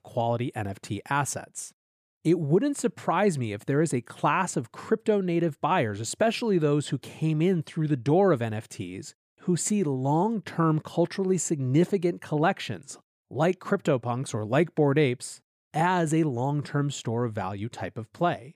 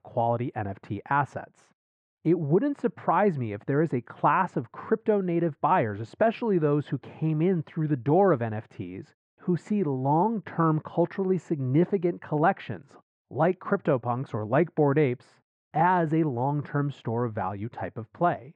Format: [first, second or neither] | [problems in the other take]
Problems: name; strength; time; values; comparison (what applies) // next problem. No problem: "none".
first | muffled; very; fading above 1.5 kHz